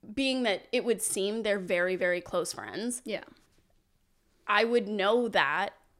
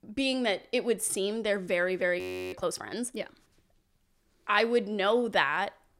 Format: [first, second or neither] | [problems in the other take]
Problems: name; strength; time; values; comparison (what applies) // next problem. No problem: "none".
first | audio freezing; at 2 s